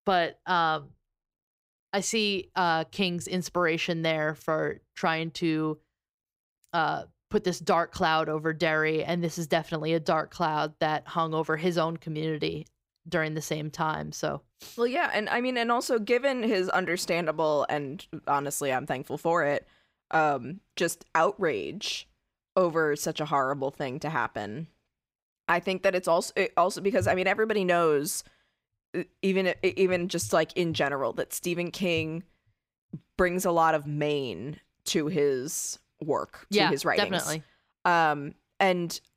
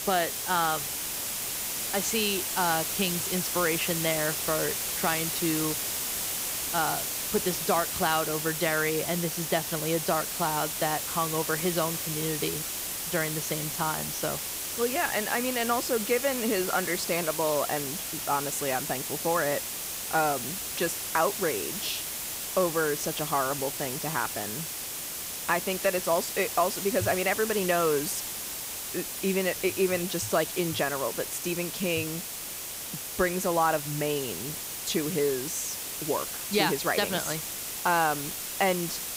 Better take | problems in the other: first | hiss; loud; throughout; 2 dB below the speech

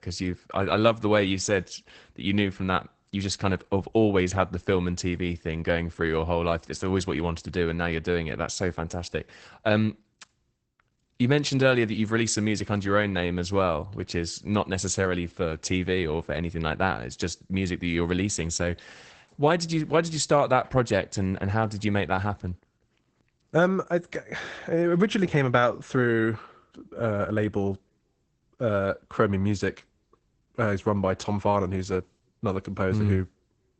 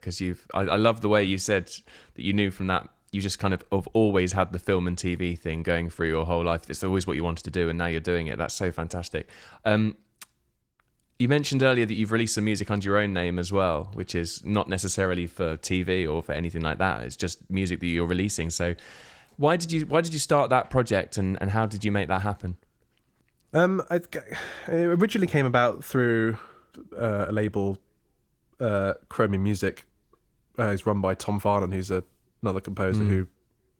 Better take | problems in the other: second | garbled, watery; badly; nothing above 8 kHz; slightly in the second

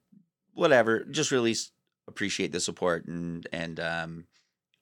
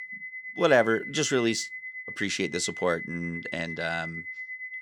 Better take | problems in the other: first | high-pitched whine; loud; throughout; 2 kHz, 9 dB below the speech

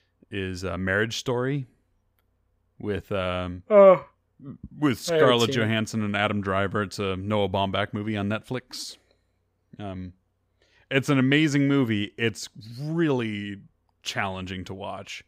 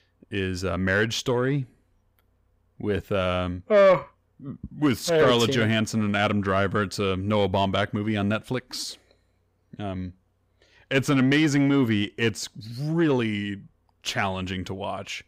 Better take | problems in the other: first | distortion; slight; 10 dB below the speech

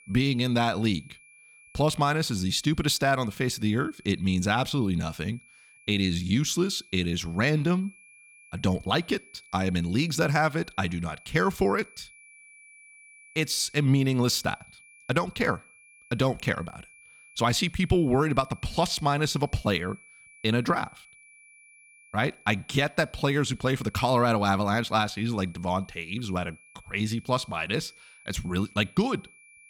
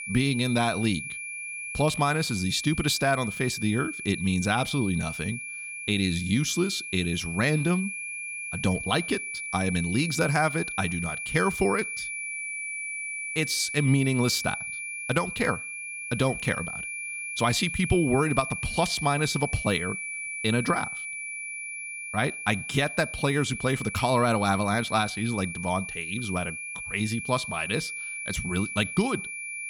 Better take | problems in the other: first | high-pitched whine; loud; throughout; 2.5 kHz, 6 dB below the speech; faint in the first

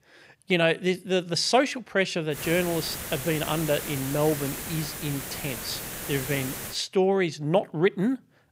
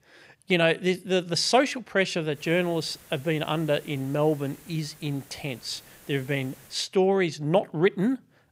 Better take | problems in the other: second | hiss; loud; from 2.5 to 6.5 s; 7 dB below the speech; faint in the second

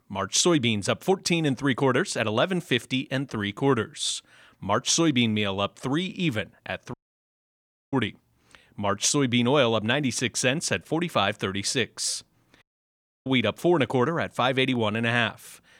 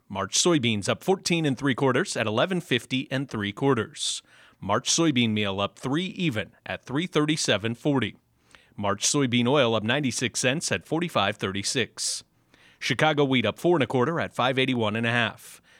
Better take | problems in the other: second | audio cutting out; at 7 s for 1 s and at 13 s for 0.5 s

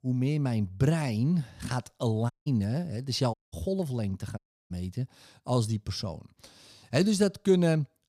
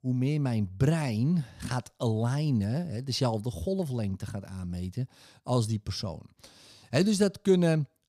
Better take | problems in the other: second | audio cutting out; at 2.5 s, at 3.5 s and at 4.5 s

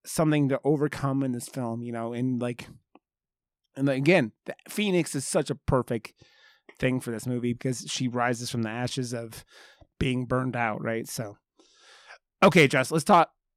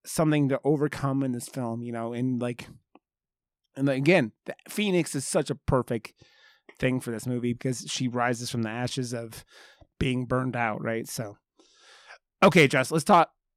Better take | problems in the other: neither | none

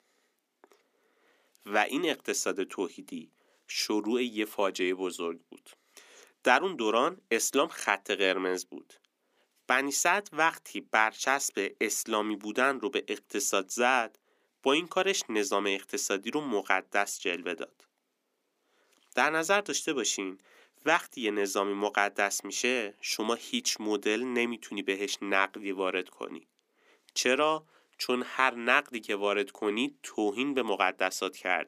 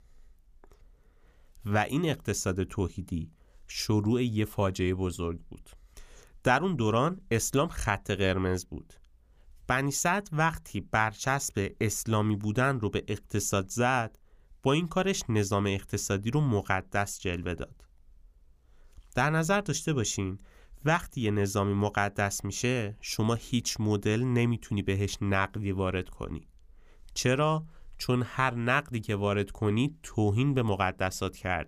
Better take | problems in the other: second | thin; somewhat; fading below 250 Hz

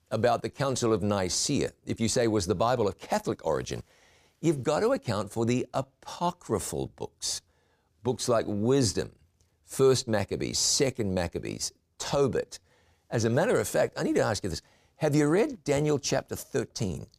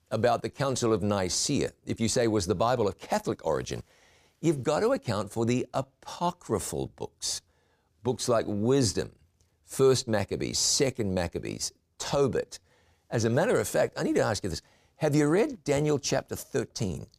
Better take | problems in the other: neither | none

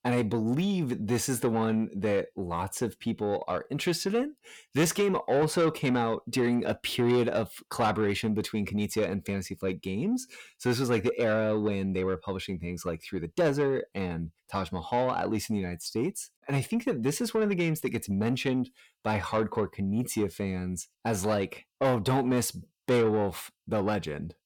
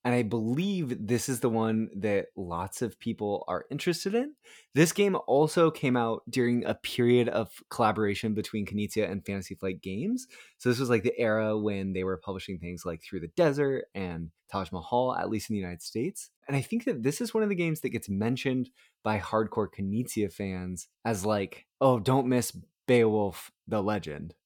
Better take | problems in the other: second | distortion; slight; 10 dB below the speech

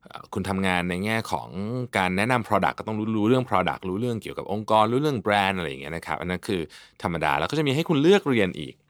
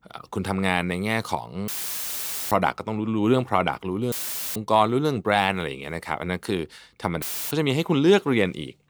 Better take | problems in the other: first | audio cutting out; filled with static; at 1.5 s for 1 s, at 4 s and at 7 s

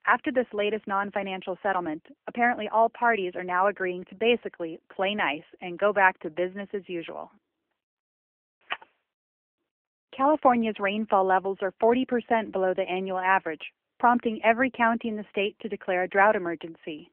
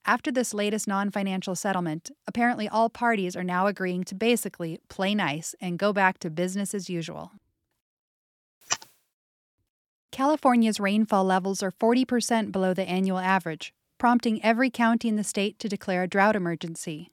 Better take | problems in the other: second | phone-call audio; nothing above 3 kHz

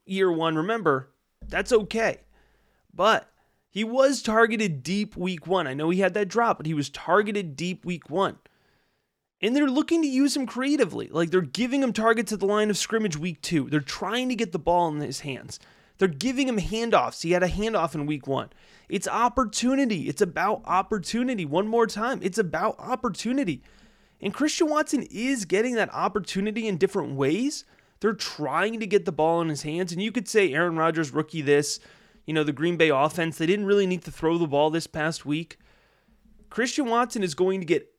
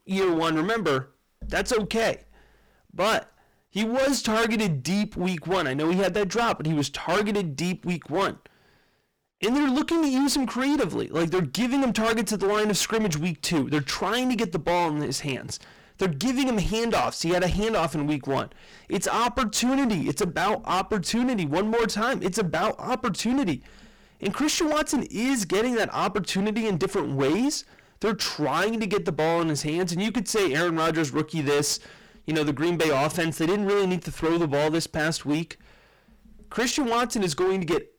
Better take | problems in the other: first | distortion; heavy; 21% of the sound clipped

